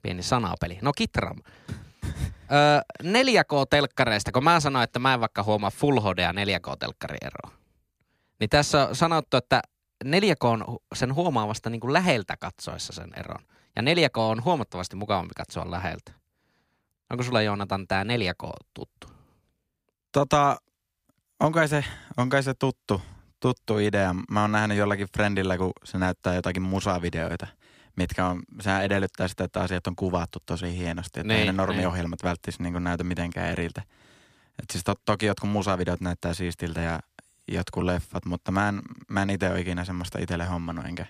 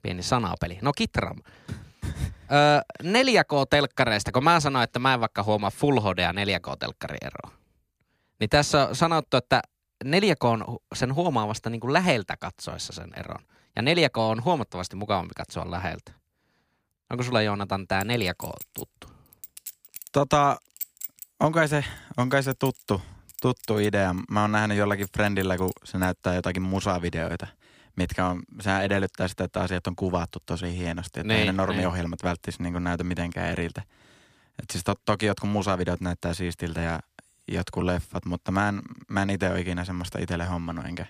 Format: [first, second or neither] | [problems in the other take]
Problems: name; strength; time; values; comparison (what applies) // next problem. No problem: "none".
first | clattering dishes; noticeable; from 18 to 26 s; peak 8 dB below the speech